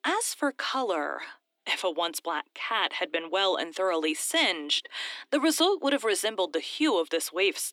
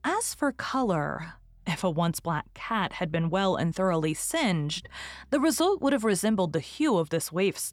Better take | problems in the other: second | thin; somewhat; fading below 300 Hz

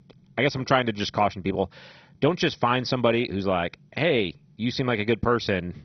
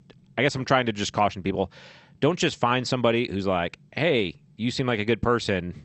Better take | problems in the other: second | garbled, watery; badly; nothing above 6 kHz; slightly in the second

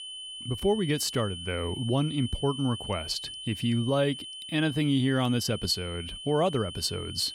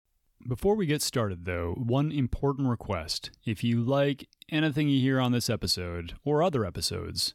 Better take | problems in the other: second | high-pitched whine; loud; throughout; 3 kHz, 9 dB below the speech

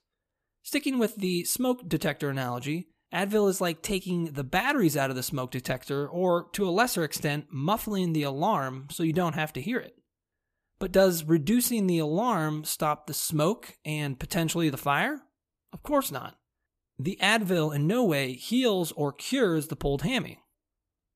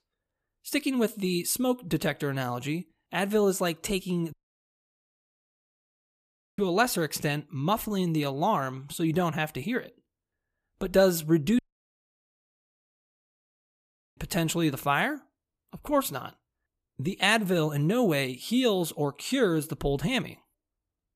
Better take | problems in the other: first | audio cutting out; at 4.5 s for 2.5 s and at 12 s for 2.5 s

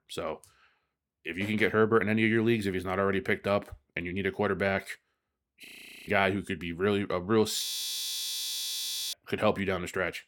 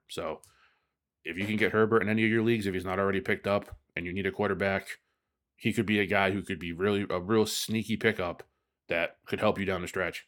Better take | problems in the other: second | audio freezing; at 5.5 s and at 7.5 s for 1.5 s

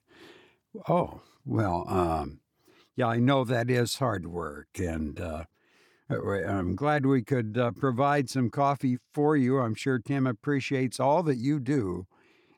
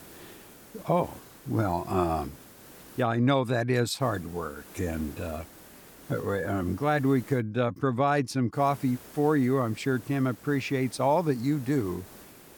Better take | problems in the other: first | hiss; faint; until 3 s, from 4 to 7.5 s and from 8.5 s on; 20 dB below the speech

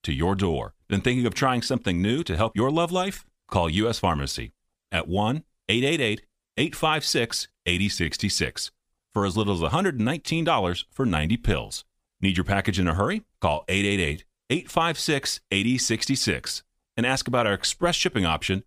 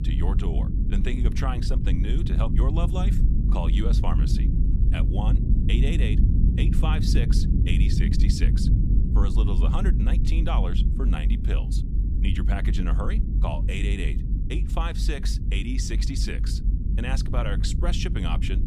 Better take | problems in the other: first | low rumble; loud; throughout; 4 dB below the speech

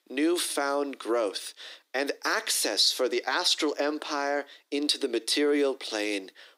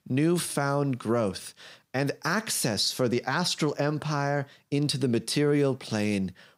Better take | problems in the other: second | thin; somewhat; fading below 300 Hz

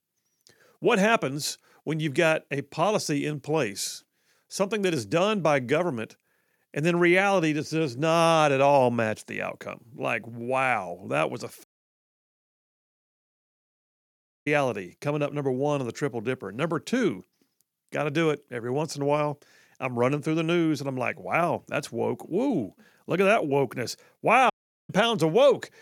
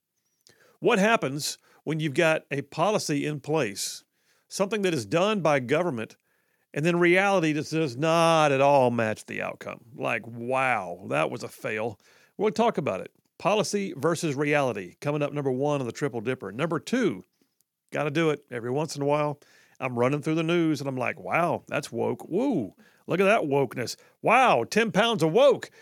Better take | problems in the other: second | audio cutting out; at 12 s for 3 s and at 25 s

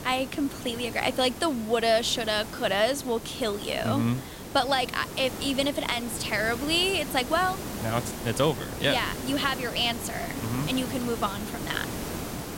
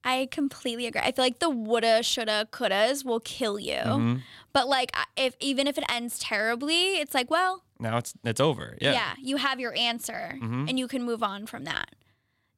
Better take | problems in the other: second | hiss; loud; throughout; 9 dB below the speech

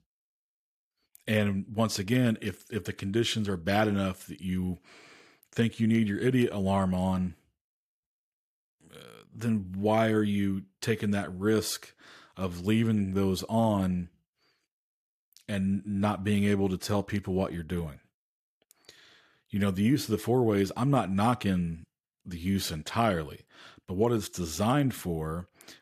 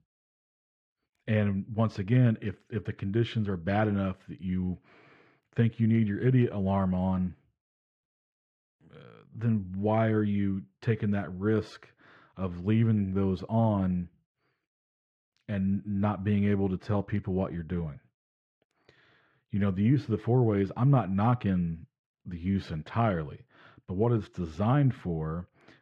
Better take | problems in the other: first | muffled; very; fading above 2 kHz

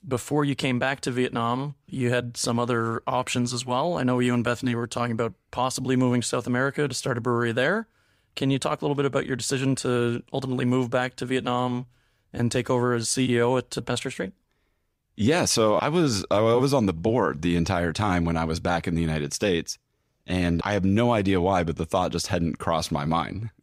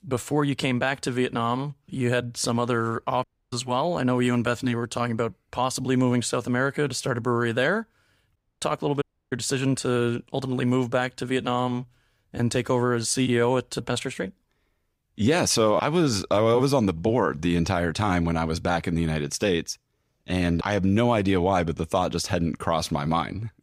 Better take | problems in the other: first | audio cutting out; at 3 s, at 8.5 s and at 9 s

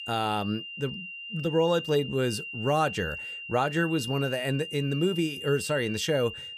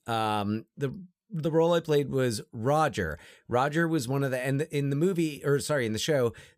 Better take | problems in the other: second | high-pitched whine; loud; throughout; 3 kHz, 8 dB below the speech

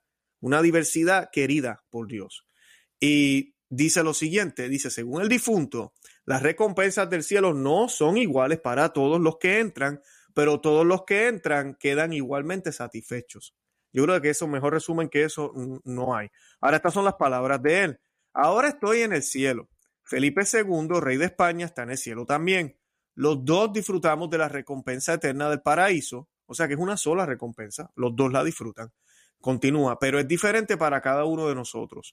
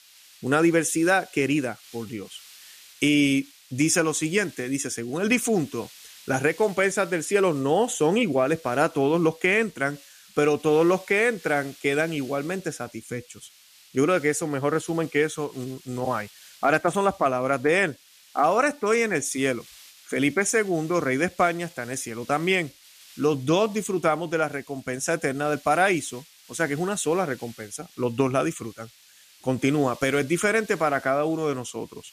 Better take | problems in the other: first | hiss; faint; throughout; 25 dB below the speech

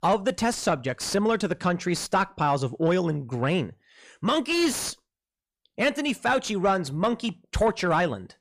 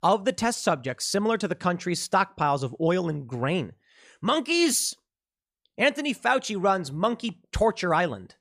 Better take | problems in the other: second | distortion; slight; 10 dB below the speech

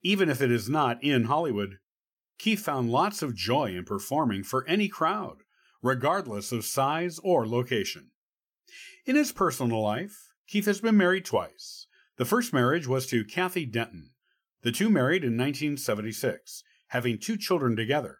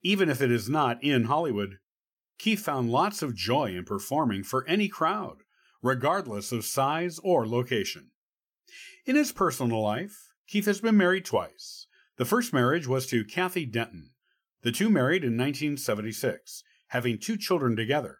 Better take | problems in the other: neither | none

